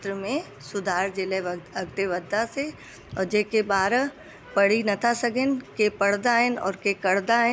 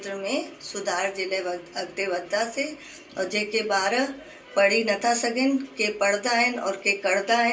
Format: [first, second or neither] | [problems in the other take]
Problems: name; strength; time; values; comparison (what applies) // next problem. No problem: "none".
first | room echo; dies away in 0.3 s